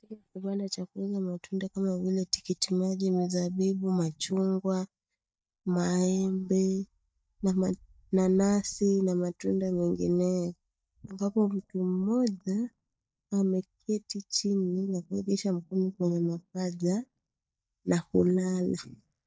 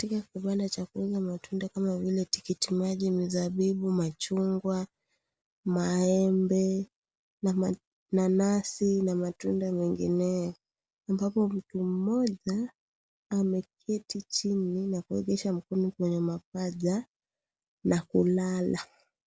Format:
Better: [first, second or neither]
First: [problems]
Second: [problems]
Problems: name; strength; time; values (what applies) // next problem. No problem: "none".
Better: second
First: noise reduction (neural mask model DeepFilterNet 3)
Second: none